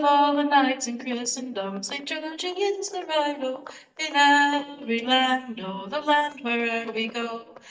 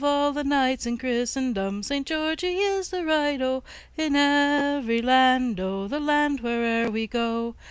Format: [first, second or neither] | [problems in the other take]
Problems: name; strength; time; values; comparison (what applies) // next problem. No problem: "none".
second | noise reduction (neural mask model DeepFilterNet 3)